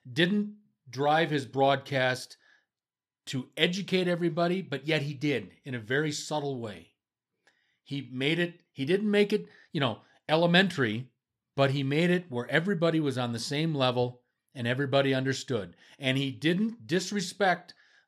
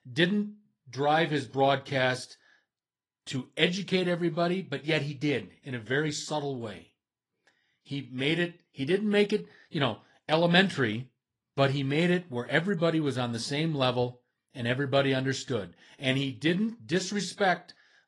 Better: first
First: none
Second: garbled, watery; slightly; nothing above 10 kHz

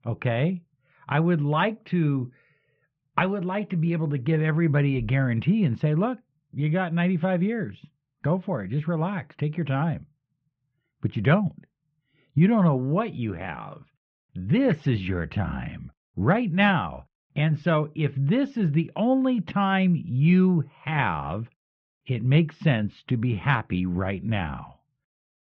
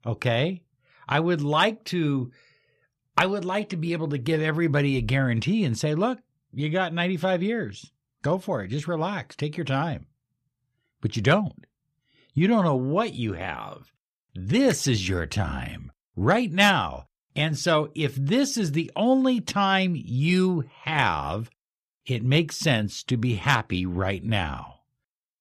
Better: second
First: muffled; very; fading above 2.5 kHz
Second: none

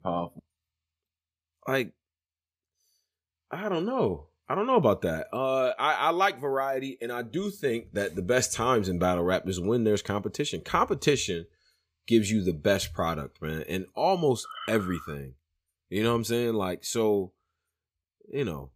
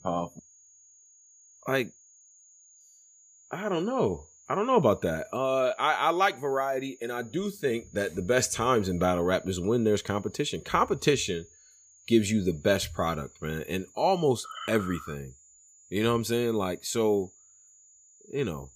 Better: first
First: none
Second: high-pitched whine; faint; throughout; 6.5 kHz, 25 dB below the speech

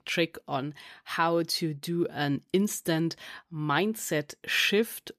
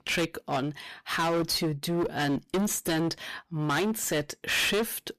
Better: first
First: none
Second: distortion; heavy; 20% of the sound clipped

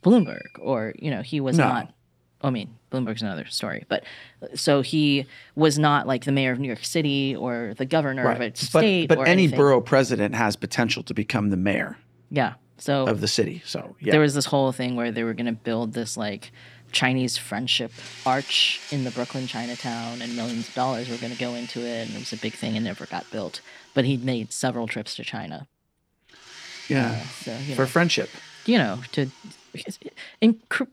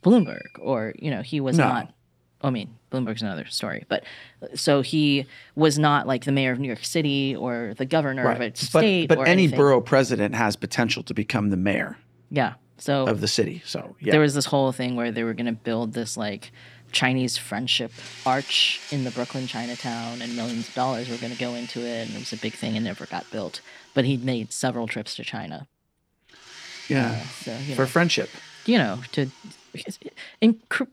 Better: neither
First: household noises; noticeable; throughout; 15 dB below the speech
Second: household noises; noticeable; throughout; 15 dB below the speech

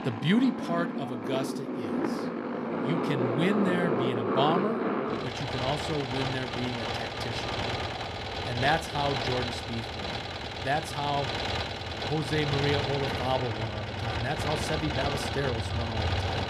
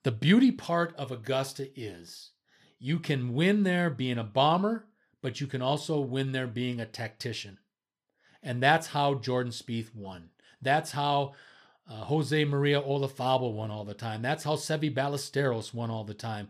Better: second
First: traffic noise; very loud; throughout; as loud as the speech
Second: none

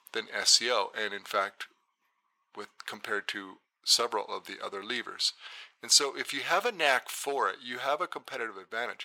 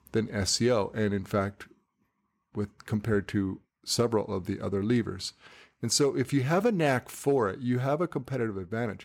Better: second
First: thin; very; fading below 900 Hz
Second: none

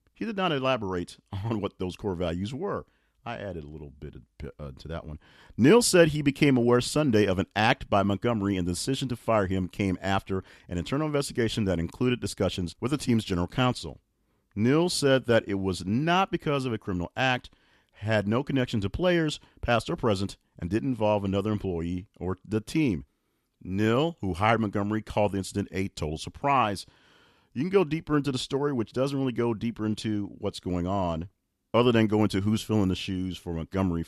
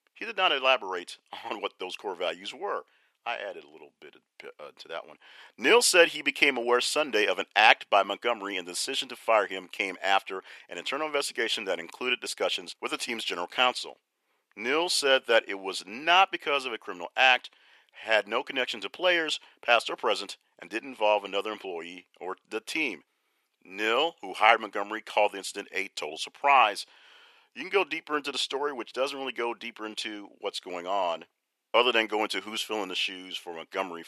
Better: first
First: none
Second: thin; very; fading below 450 Hz

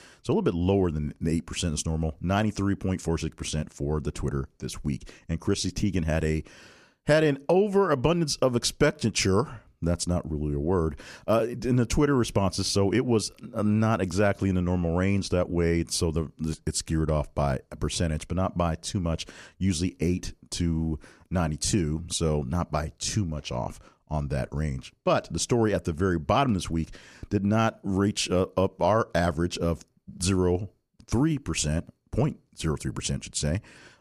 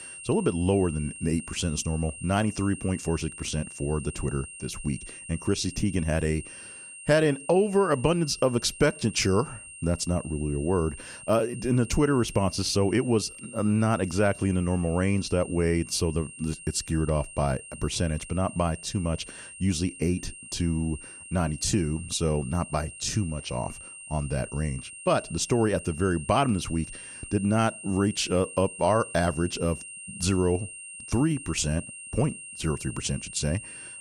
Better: first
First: none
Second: high-pitched whine; noticeable; throughout; 3 kHz, 15 dB below the speech

